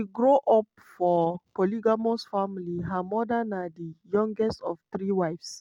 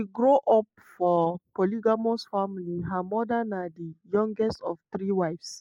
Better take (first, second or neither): first